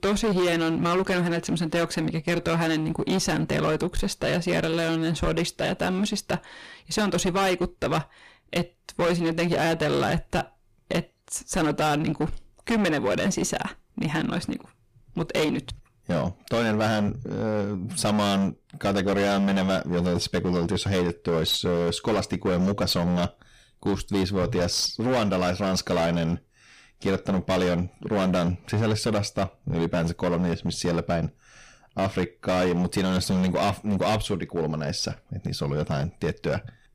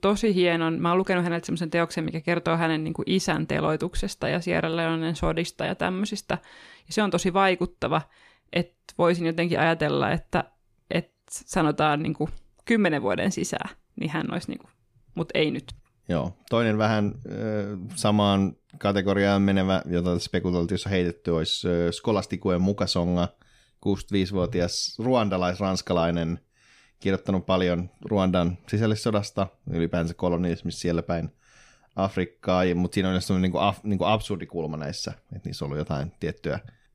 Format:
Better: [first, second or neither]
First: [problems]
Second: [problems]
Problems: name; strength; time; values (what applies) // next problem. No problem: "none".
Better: second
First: distortion; heavy; 17% of the sound clipped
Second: none